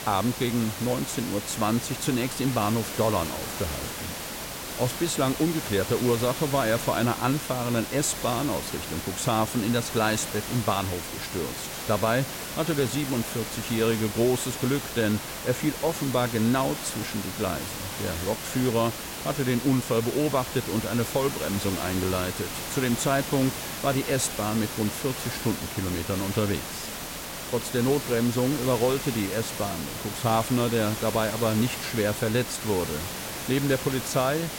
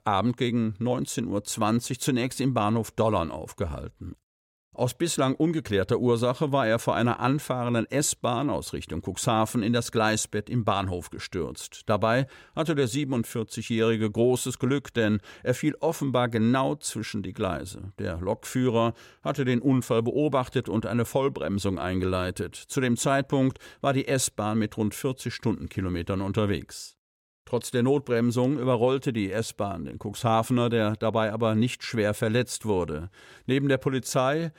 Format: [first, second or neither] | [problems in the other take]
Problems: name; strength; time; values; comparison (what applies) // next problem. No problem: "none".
second | hiss; loud; throughout; 6 dB below the speech